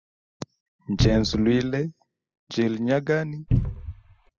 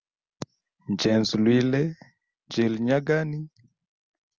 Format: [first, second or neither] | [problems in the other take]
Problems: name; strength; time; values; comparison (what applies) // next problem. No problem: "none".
second | noise reduction (classical method spectral subtraction)